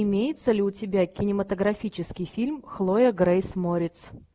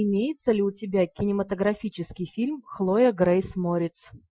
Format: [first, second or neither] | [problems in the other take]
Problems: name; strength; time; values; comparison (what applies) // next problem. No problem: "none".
first | noise reduction (classical method Wiener filter)